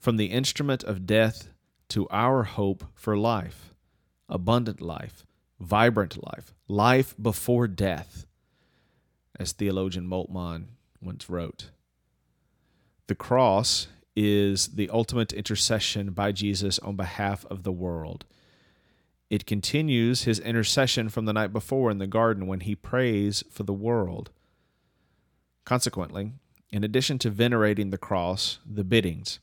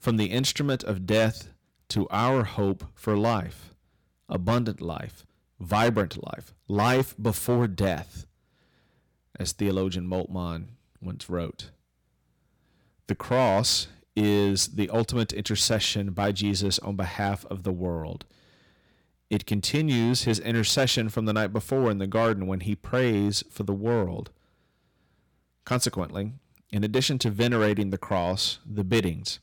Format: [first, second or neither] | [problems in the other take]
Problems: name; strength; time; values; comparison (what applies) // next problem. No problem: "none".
first | distortion; slight; 4% of the sound clipped